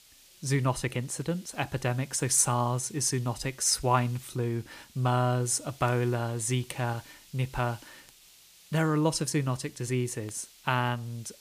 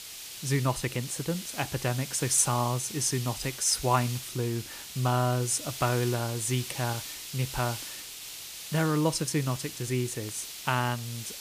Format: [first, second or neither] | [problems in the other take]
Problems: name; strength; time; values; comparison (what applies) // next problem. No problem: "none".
first | hiss; loud; throughout; 9 dB below the speech; faint in the first